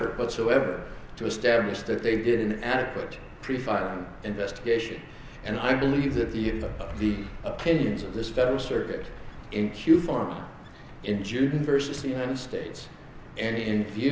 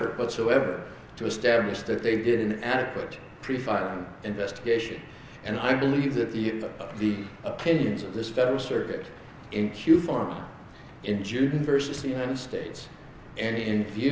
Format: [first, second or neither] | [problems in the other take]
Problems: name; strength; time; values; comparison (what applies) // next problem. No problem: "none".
second | background sound (Wind); 15 dB below the speech